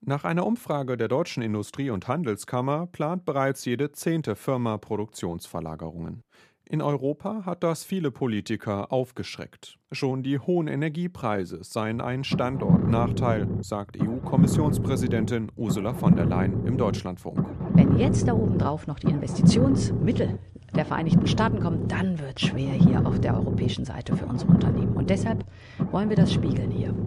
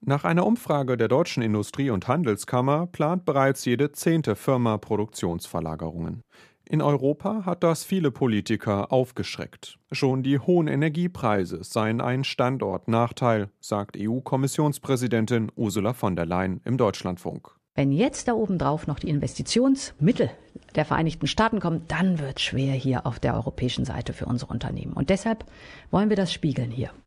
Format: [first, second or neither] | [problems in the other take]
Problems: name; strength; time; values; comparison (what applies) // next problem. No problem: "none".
second | low rumble; loud; from 12 s on; 2 dB below the speech